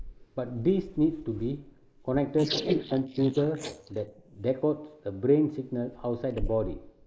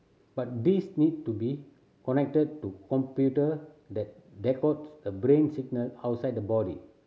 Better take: second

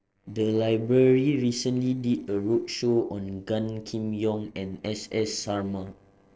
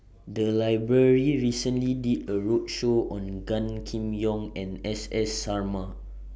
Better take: second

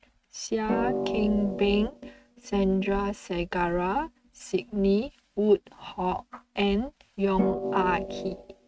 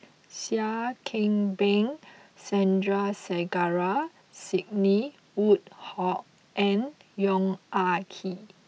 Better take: second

